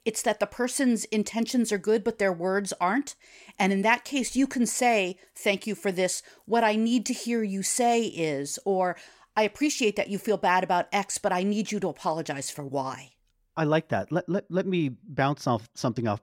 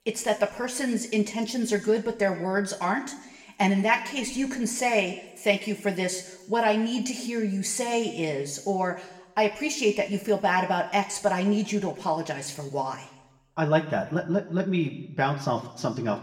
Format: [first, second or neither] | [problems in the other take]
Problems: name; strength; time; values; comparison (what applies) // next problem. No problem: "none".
first | room echo; slight; dies away in 0.8 s // off-mic speech; somewhat distant